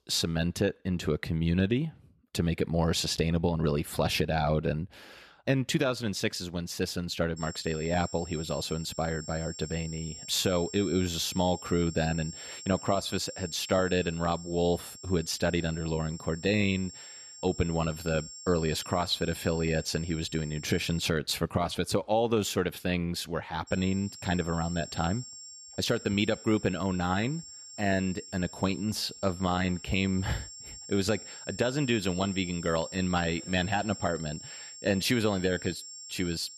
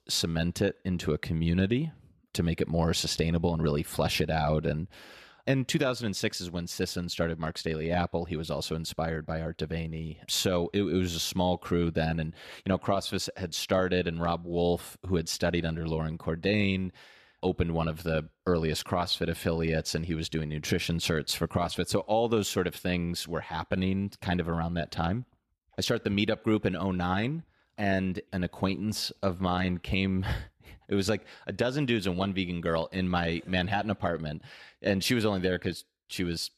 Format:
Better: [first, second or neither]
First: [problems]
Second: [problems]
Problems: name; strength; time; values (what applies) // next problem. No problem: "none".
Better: second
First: high-pitched whine; noticeable; from 7.5 to 21 s and from 24 s on; 7.5 kHz, 15 dB below the speech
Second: none